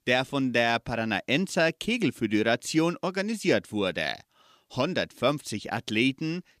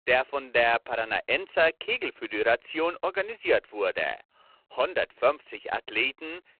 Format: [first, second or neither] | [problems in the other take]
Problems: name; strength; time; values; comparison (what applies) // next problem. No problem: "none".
first | phone-call audio; poor line; nothing above 4 kHz